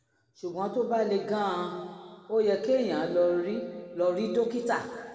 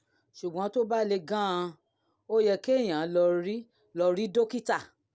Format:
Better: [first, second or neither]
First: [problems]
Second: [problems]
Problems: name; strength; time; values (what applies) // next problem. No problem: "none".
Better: second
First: room echo; dies away in 2 s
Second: none